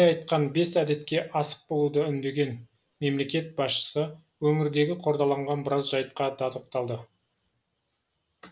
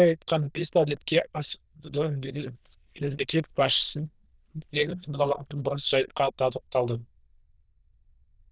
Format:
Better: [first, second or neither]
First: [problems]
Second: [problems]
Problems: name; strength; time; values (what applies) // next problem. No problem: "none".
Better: first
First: none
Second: noise reduction (neural diffusion model UNIVERSE++)